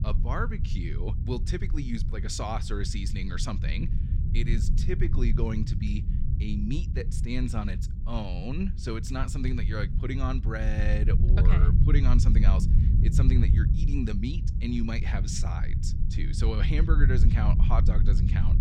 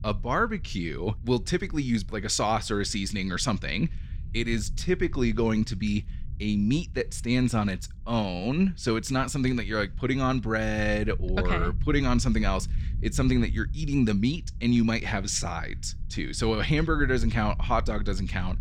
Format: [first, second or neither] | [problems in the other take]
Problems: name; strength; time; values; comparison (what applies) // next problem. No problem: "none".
second | low rumble; loud; throughout; 6 dB below the speech; faint in the second